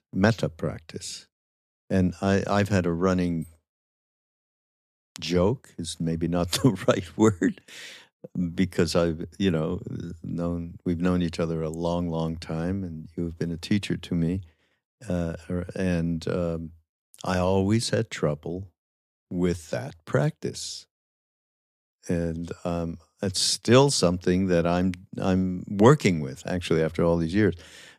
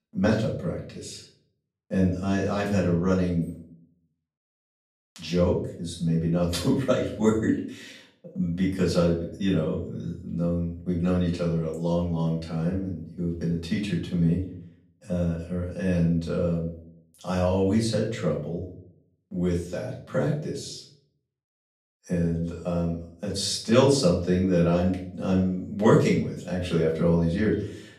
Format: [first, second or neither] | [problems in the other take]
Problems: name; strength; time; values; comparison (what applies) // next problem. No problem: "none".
first | off-mic speech; far // room echo; noticeable; dies away in 0.5 s